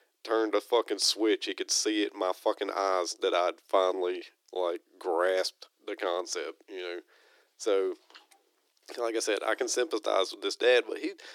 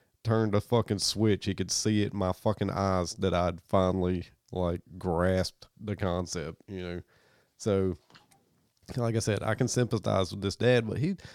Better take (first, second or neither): second